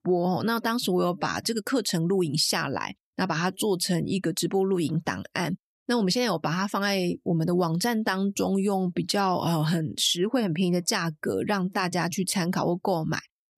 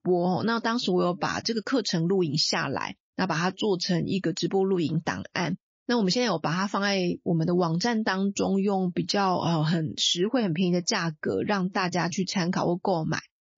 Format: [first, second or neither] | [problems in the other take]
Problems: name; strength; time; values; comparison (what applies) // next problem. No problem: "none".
first | garbled, watery; slightly; nothing above 6 kHz